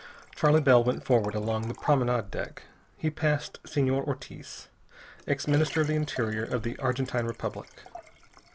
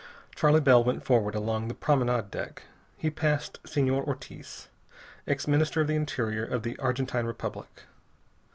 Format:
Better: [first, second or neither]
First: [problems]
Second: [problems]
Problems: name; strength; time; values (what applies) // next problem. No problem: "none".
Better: second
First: background sound (Liquid); 17 dB below the speech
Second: none